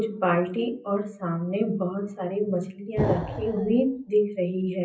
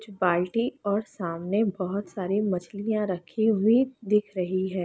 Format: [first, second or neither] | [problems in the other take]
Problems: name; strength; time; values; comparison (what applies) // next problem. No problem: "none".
second | noise reduction (classical method WPE with log-MMSE)